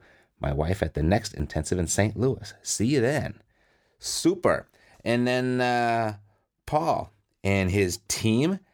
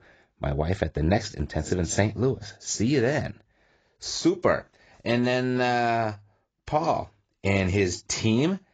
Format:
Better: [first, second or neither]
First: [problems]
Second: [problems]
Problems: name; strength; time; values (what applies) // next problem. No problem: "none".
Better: first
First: none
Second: garbled, watery; badly; nothing above 7.5 kHz